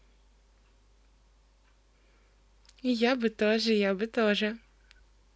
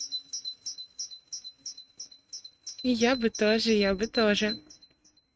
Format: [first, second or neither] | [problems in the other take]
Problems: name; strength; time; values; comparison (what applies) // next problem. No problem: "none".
first | noise reduction (neural mask model RNNoise)